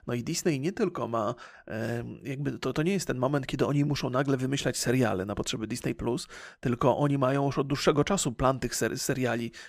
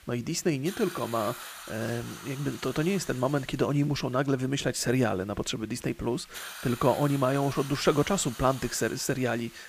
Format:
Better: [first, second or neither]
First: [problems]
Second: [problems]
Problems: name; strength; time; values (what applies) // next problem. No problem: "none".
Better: first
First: none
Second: hiss; noticeable; throughout; 15 dB below the speech